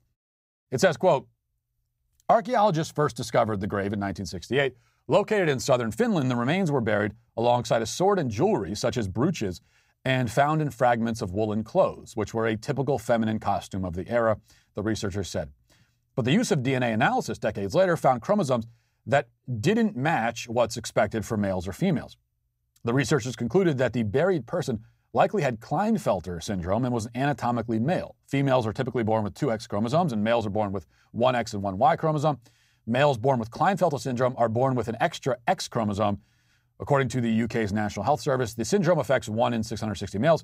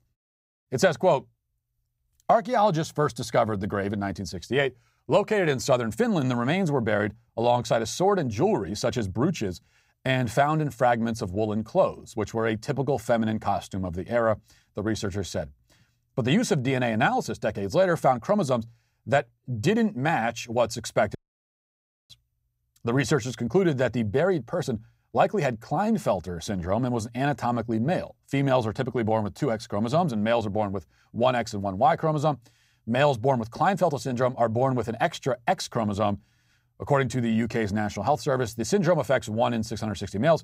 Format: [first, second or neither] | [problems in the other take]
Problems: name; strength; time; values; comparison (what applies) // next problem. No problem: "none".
first | audio cutting out; at 21 s for 1 s